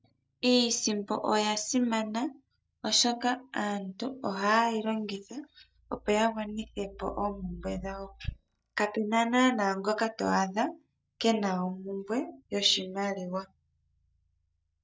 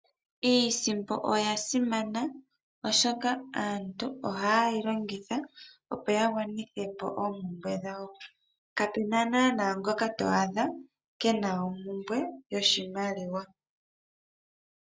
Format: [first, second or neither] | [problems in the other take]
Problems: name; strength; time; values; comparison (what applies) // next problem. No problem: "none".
second | noise reduction (neural mask model DeepFilterNet 3)